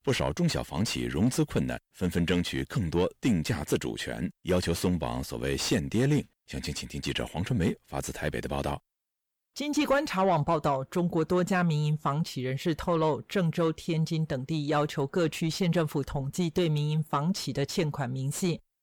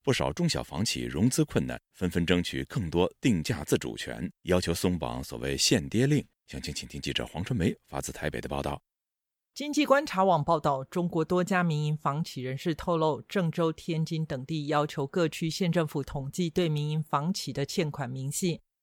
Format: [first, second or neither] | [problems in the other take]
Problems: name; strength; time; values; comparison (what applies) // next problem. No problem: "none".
second | distortion; slight; 10 dB below the speech